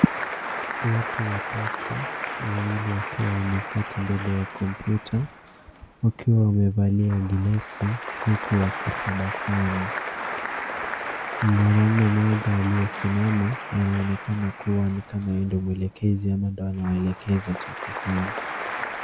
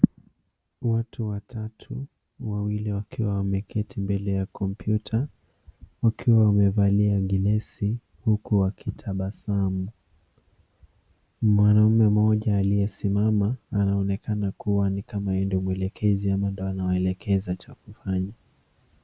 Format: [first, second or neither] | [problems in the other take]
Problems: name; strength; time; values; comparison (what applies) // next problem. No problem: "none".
second | background sound (Applause); 8 dB below the speech